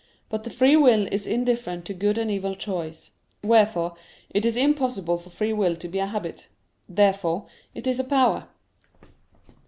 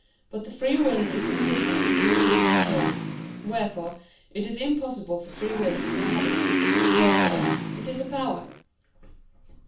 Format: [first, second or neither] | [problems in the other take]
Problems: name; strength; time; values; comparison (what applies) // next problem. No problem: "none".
first | background sound (Motorcycle); 5 dB above the speech // room echo; dies away in 0.3 s